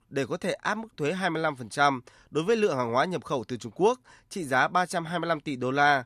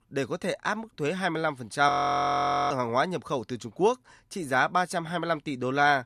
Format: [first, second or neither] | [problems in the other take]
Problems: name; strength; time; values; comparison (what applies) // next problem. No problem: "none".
first | audio freezing; at 2 s for 1 s